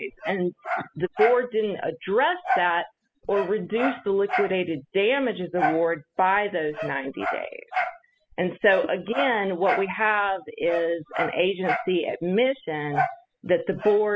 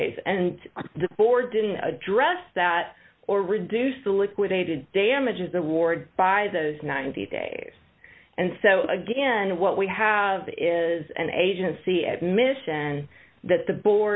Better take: second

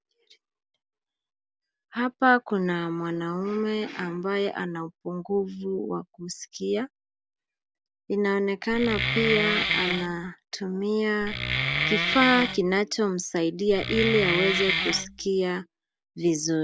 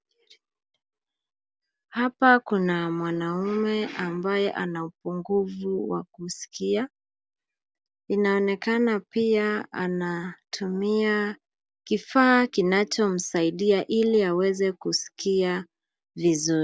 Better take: second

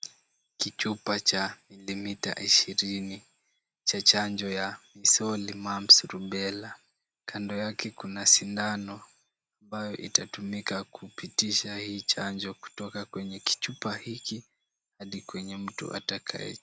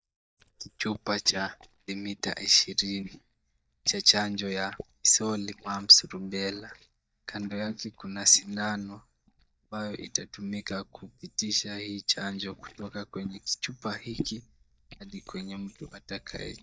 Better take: first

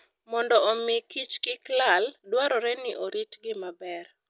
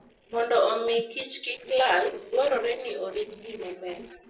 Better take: first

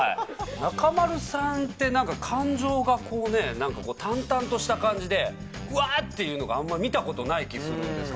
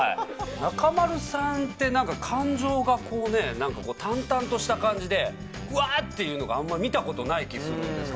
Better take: first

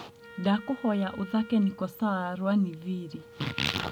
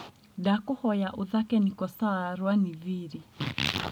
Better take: second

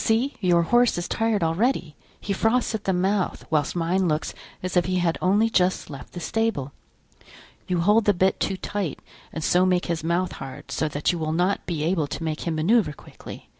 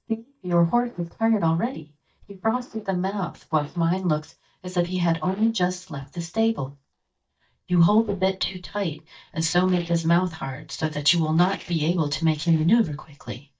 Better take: first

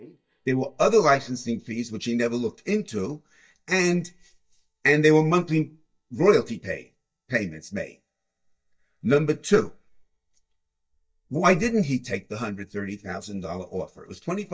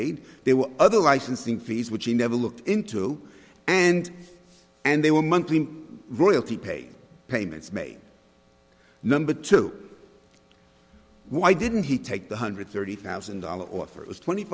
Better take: second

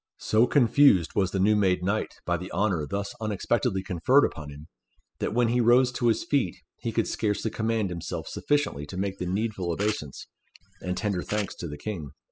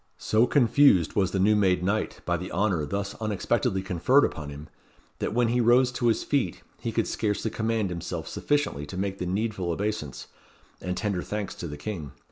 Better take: second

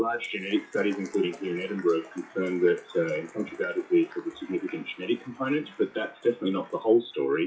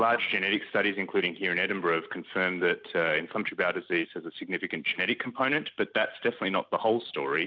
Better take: second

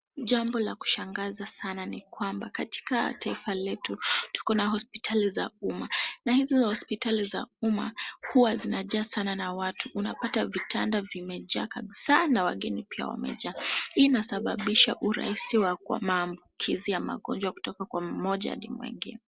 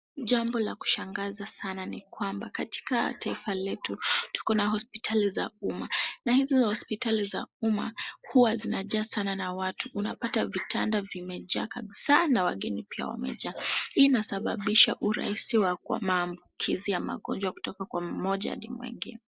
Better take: first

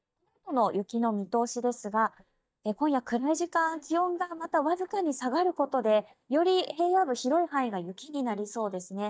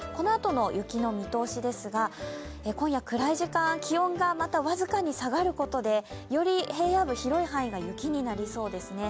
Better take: second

